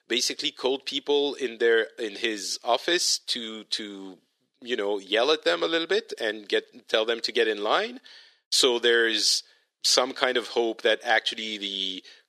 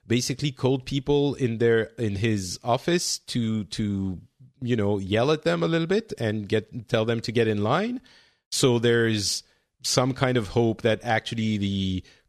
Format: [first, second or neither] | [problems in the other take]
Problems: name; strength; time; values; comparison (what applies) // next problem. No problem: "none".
second | thin; very; fading below 350 Hz